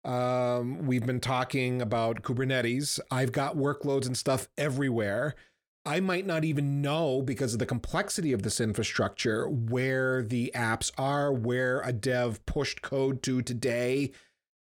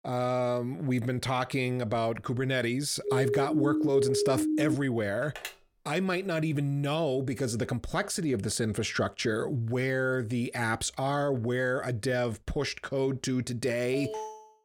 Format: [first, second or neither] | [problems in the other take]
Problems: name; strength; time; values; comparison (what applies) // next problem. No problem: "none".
first | siren; loud; from 3 to 5 s; peak 2 dB above the speech // phone ringing; faint; at 5 s; peak 10 dB below the speech // alarm; noticeable; at 14 s; peak 8 dB below the speech